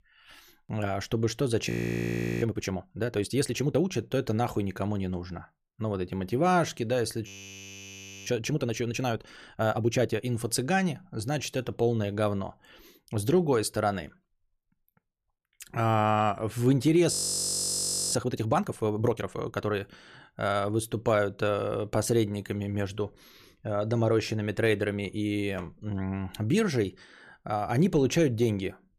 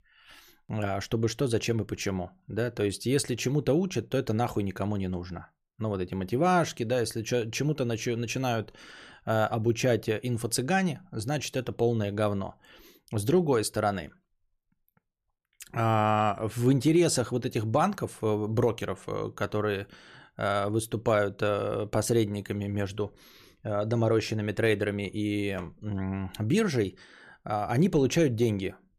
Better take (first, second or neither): second